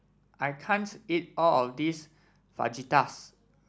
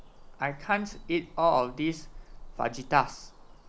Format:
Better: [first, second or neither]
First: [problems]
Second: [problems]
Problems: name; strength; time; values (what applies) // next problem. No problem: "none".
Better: first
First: none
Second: background sound (Bird vocalization, bird call, bird song); 15 dB below the speech